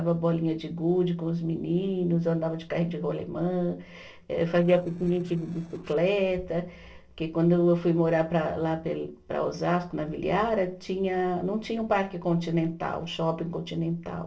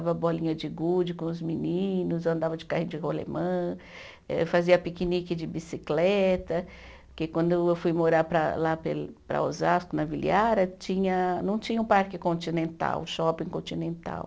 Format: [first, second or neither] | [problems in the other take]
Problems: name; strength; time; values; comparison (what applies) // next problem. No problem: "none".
second | noise reduction (neural separator model SepFormer DNS4)